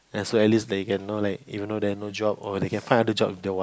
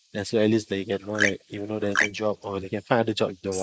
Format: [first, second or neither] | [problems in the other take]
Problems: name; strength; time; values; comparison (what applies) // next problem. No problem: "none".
first | noise reduction (neural mask model Resemble Enhance denoiser)